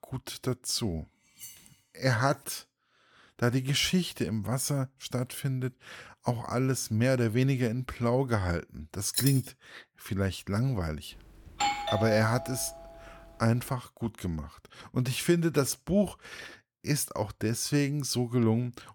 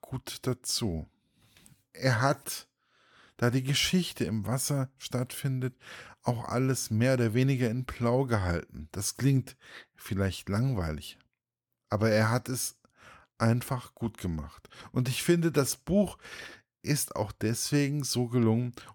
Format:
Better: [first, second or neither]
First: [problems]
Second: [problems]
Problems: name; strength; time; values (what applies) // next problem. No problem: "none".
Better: second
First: clattering dishes; faint; at 1.5 s; peak 15 dB below the speech // jangling keys; noticeable; at 9 s; peak 1 dB below the speech // doorbell; loud; from 12 to 13 s; peak 1 dB above the speech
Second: none